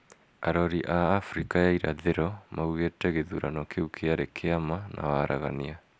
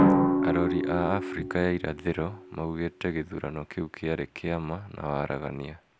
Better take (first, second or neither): first